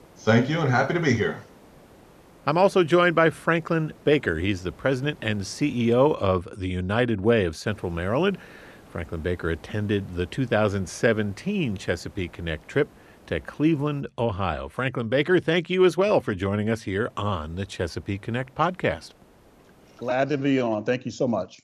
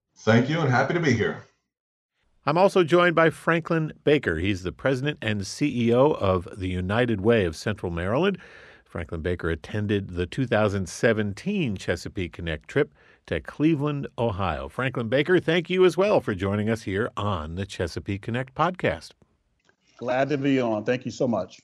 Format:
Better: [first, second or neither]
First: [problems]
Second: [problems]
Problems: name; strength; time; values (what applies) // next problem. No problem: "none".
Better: second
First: hiss; faint; until 6 s, from 7.5 to 14 s and from 17 to 20 s; 25 dB below the speech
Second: none